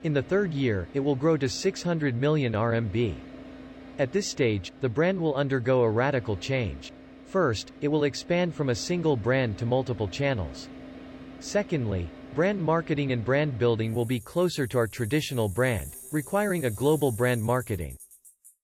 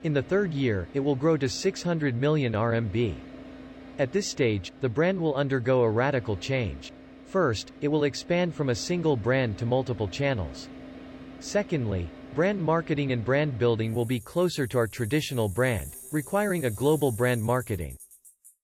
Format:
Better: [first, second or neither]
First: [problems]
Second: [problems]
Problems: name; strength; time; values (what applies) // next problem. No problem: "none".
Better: neither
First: traffic noise; noticeable; throughout; 20 dB below the speech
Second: traffic noise; noticeable; throughout; 20 dB below the speech